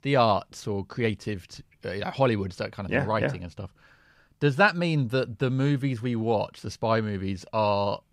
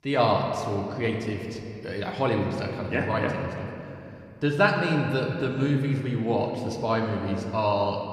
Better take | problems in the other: first | room echo; slight; dies away in 2.2 s

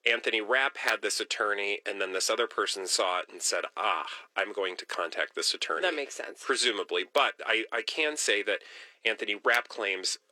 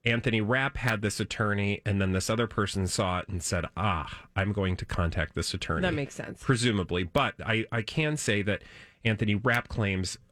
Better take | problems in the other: second | thin; very; fading below 350 Hz

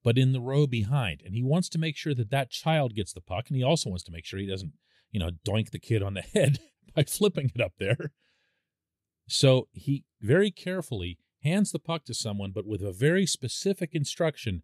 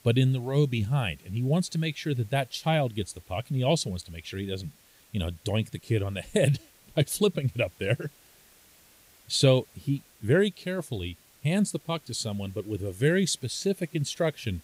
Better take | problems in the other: first | hiss; faint; throughout; 25 dB below the speech

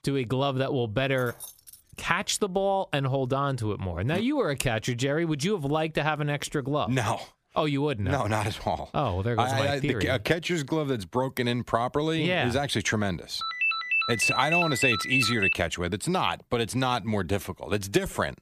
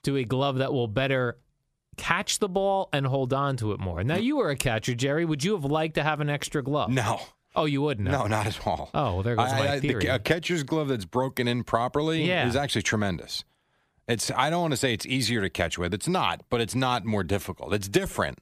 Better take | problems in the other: second | jangling keys; faint; at 1 s; peak 15 dB below the speech // phone ringing; loud; from 13 to 16 s; peak 4 dB above the speech

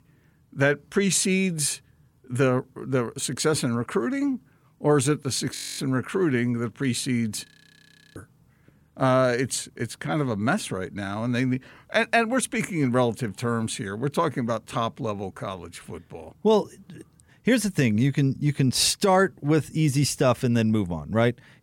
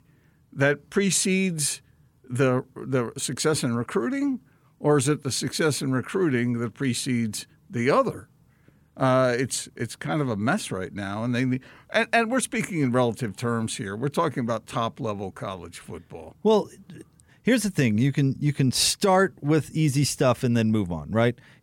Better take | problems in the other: second | audio freezing; at 5.5 s and at 7.5 s for 0.5 s

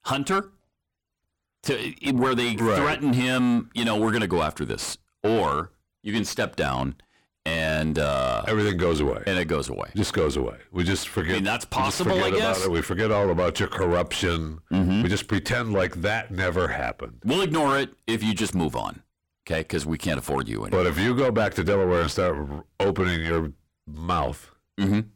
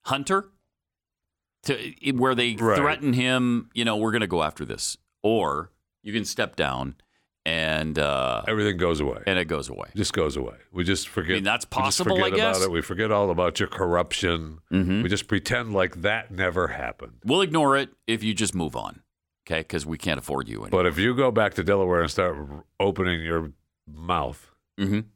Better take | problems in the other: second | distortion; heavy; 7 dB below the speech

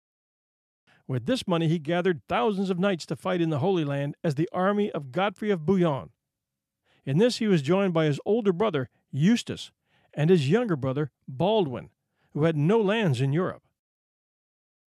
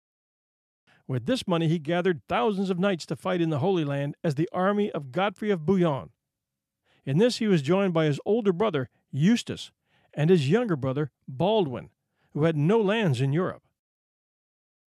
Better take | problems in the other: neither | none

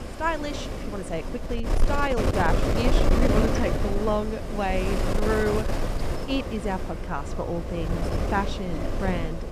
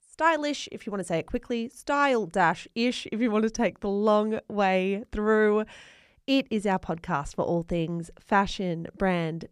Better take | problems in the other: second | wind noise on the microphone; heavy; 2 dB below the speech

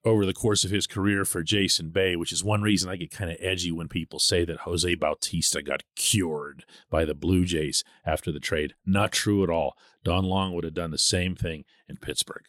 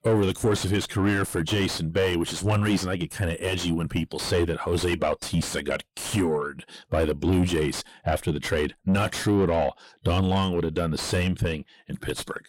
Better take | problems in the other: first | distortion; heavy; 6 dB below the speech

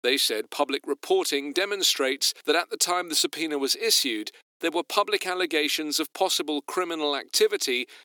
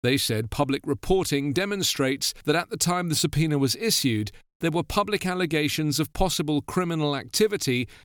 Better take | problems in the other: second | thin; somewhat; fading below 350 Hz

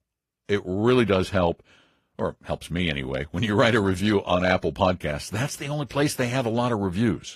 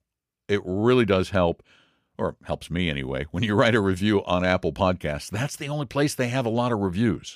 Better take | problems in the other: second | garbled, watery; slightly; nothing above 14 kHz

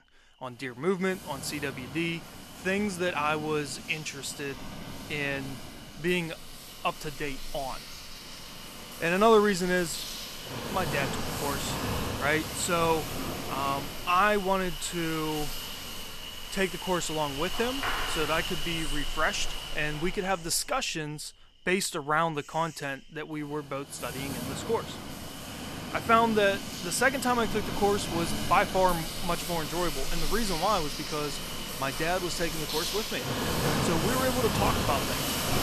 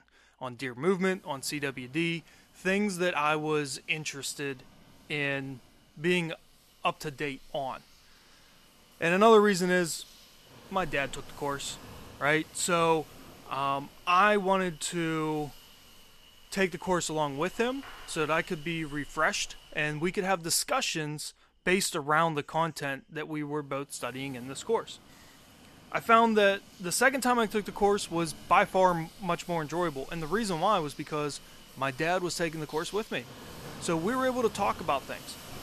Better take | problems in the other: second | animal sounds; loud; throughout; 5 dB below the speech; faint in the second

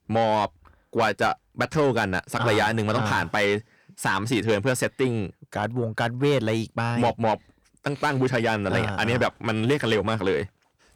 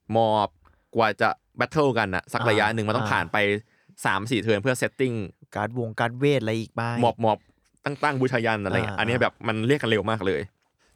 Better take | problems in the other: second | distortion; slight; 10 dB below the speech

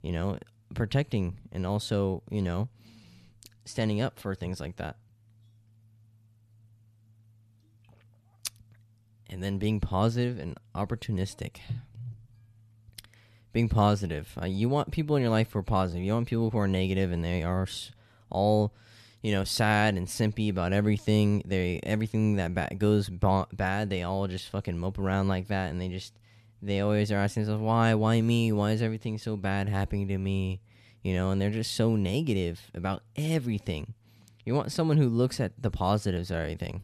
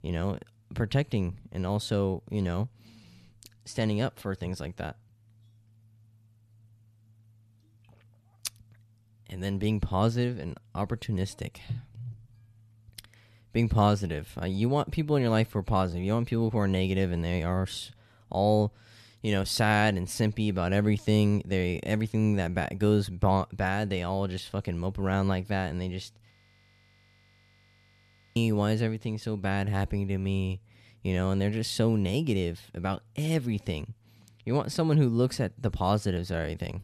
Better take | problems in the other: first | audio freezing; at 26 s for 2 s

